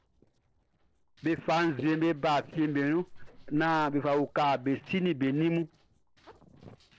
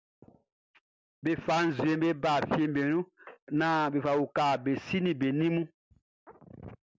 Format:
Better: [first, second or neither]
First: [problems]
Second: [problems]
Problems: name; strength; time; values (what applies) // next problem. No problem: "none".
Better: second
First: noise reduction (neural separator model SepFormer DNS4)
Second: none